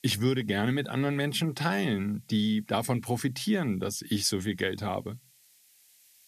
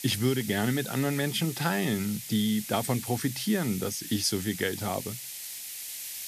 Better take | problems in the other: first | hiss; loud; throughout; 8 dB below the speech; faint in the first

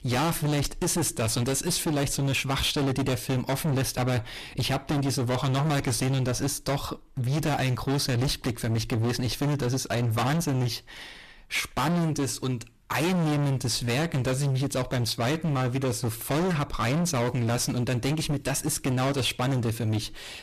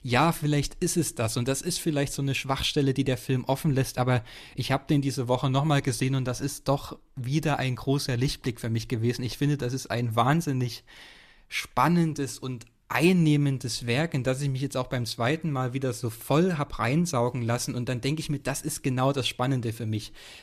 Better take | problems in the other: second | distortion; heavy; 31% of the sound clipped

